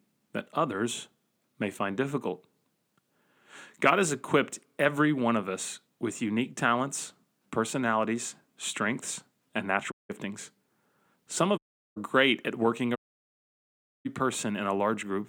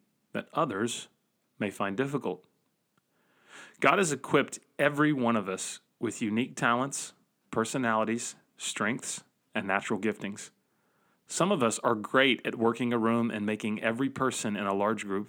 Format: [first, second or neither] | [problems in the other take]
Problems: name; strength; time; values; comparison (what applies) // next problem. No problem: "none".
second | audio cutting out; at 10 s, at 12 s and at 13 s for 1 s